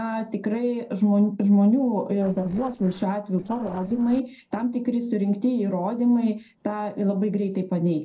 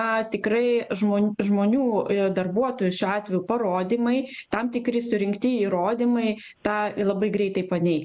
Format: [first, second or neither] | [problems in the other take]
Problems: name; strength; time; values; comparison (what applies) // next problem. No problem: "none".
second | noise reduction (neural separator model SepFormer DNS4)